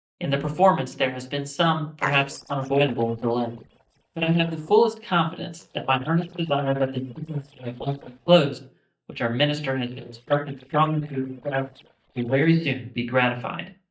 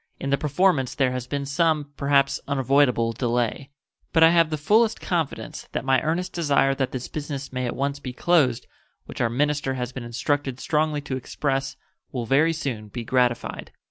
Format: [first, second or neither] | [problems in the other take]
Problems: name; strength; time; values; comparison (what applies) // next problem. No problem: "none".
second | noise reduction (neural mask model DeepFilterNet 3)